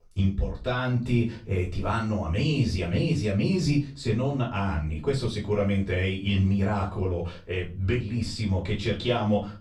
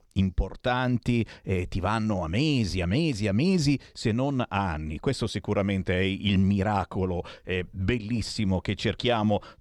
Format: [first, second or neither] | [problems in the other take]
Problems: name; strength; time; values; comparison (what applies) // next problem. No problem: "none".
second | off-mic speech; far // room echo; slight; dies away in 0.3 s